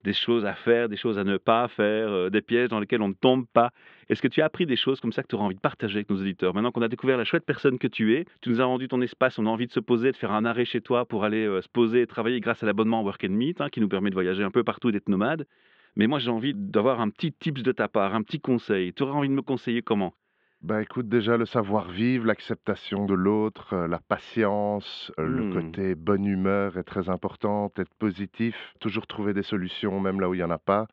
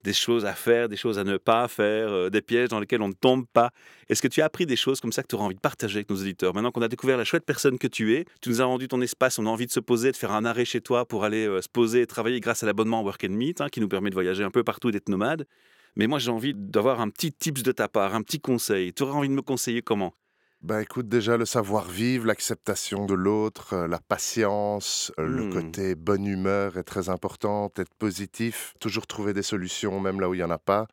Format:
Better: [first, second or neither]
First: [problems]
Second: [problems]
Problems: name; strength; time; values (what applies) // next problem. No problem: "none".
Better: second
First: muffled; very; fading above 3.5 kHz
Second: none